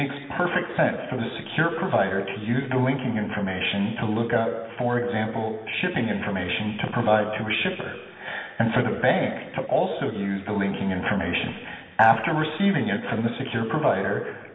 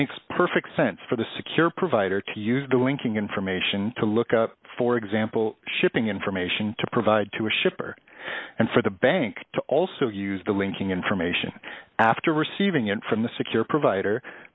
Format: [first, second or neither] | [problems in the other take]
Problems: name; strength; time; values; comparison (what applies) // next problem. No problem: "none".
second | room echo; dies away in 2.1 s